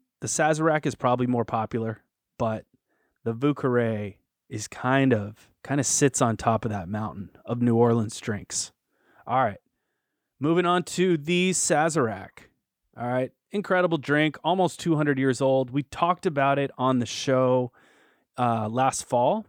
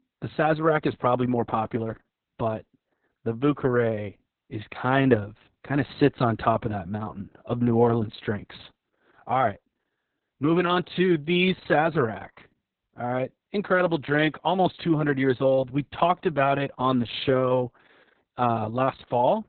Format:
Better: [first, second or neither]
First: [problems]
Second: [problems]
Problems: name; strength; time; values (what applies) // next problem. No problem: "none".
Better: first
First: none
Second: garbled, watery; badly; nothing above 4 kHz